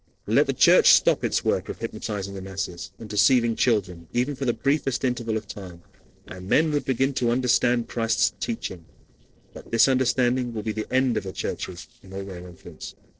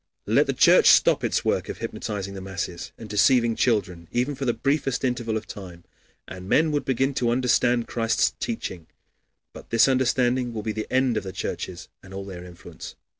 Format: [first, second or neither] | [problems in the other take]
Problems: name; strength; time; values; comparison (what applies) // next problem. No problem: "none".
second | noise reduction (neural separator model SepFormer DNS4)